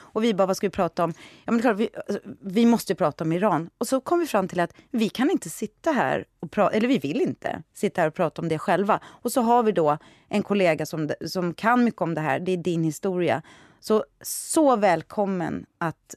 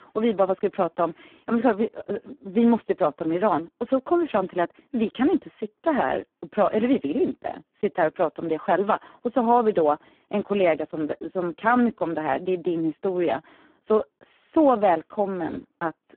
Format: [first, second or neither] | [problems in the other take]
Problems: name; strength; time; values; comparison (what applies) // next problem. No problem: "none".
first | phone-call audio; poor line